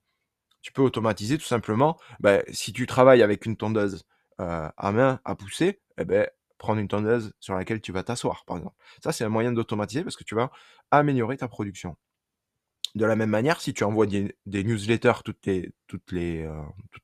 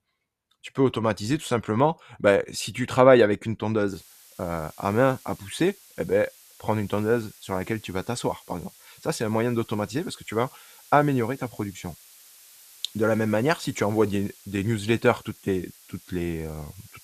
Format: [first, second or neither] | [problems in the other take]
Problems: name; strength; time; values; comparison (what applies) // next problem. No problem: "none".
first | hiss; faint; from 4 s on; 25 dB below the speech